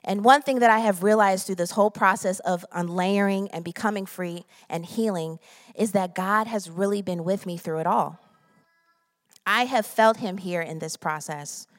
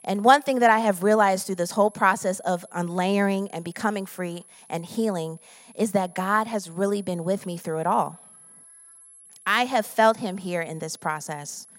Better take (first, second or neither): first